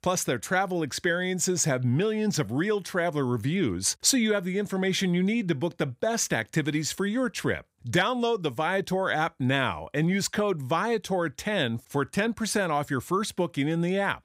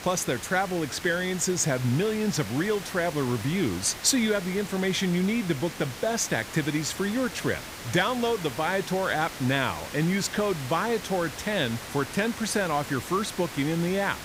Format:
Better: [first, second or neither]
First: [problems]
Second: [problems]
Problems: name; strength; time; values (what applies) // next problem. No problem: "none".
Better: first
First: none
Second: hiss; noticeable; throughout; 10 dB below the speech